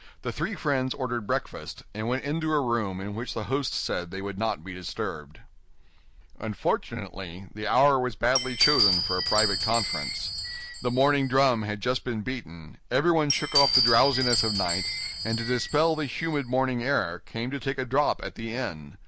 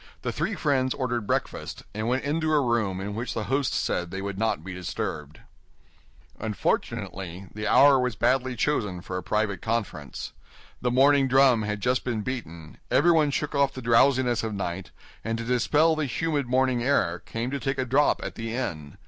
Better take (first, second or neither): second